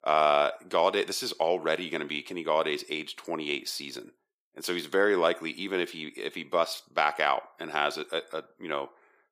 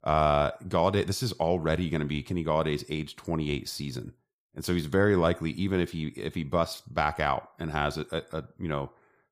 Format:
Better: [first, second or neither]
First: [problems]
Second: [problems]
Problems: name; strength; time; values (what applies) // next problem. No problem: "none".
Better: second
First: thin; somewhat; fading below 350 Hz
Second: none